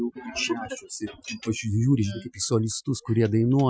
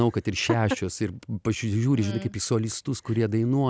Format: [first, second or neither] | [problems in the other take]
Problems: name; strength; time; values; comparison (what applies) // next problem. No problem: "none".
second | noise reduction (classical method Wiener filter)